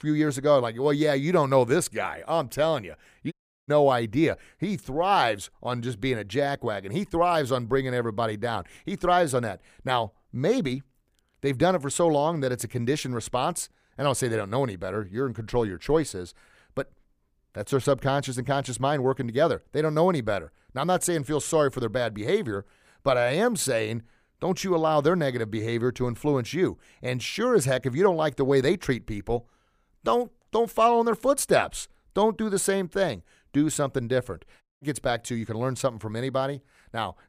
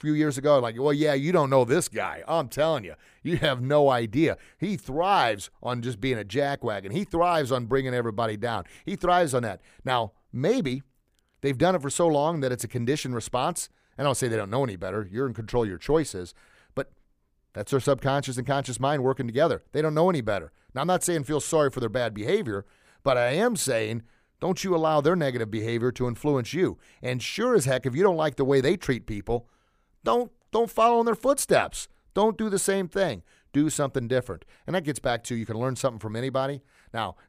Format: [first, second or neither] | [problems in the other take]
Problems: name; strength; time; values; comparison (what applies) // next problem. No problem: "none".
second | audio cutting out; at 3.5 s and at 35 s